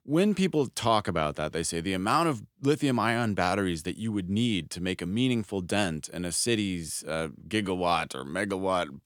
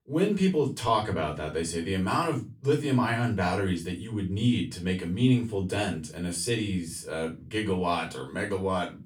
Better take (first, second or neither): first